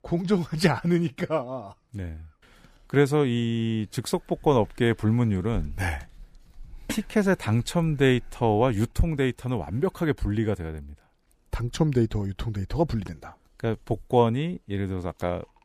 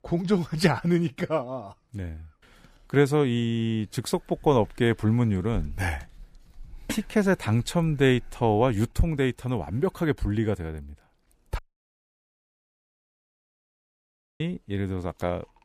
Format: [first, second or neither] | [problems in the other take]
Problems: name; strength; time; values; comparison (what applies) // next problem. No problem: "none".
first | audio cutting out; at 12 s for 3 s